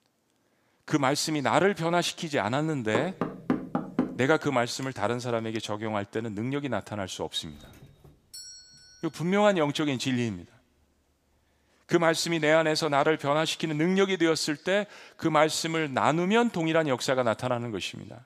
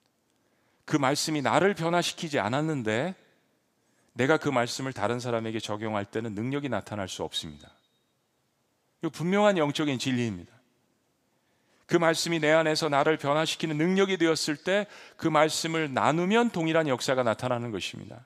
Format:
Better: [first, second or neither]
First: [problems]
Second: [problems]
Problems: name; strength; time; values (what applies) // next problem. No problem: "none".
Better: second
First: door banging; noticeable; from 3 to 5.5 s; peak 3 dB below the speech // doorbell; faint; from 7.5 to 9 s; peak 15 dB below the speech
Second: none